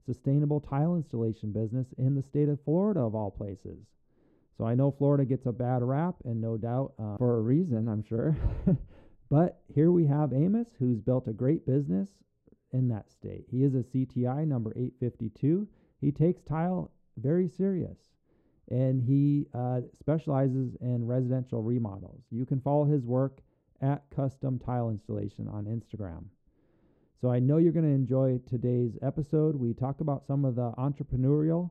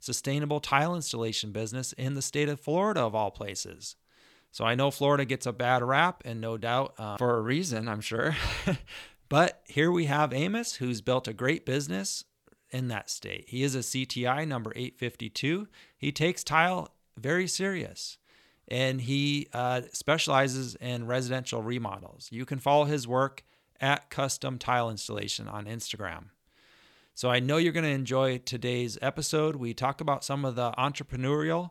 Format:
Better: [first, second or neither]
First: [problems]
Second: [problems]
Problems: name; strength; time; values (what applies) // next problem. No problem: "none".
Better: second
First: muffled; very; fading above 1 kHz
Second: none